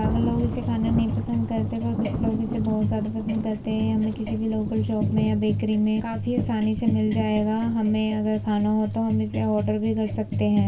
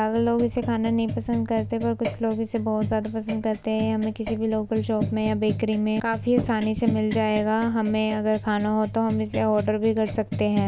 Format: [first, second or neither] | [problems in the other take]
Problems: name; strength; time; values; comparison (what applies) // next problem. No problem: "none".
second | background sound (Thunder / Rain); 9 dB below the speech // room echo; dies away in 0.2 s